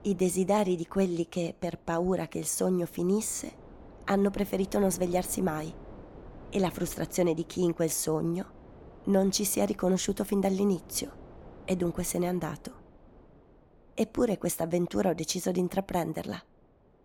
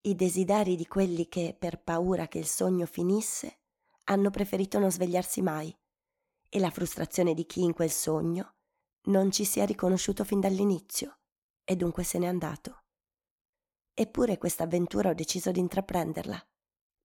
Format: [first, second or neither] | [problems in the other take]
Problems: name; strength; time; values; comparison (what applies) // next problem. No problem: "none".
second | wind noise on the microphone; occasional gusts; 20 dB below the speech